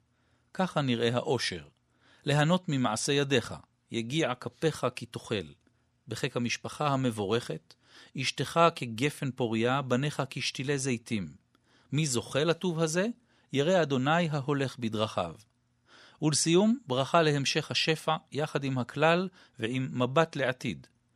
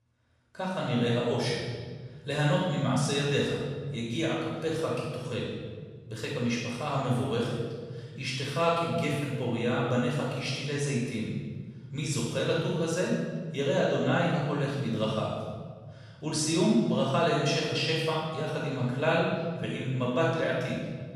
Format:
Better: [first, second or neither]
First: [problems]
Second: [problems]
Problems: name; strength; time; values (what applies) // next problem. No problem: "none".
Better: first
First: none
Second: off-mic speech; far // room echo; strong; dies away in 1.8 s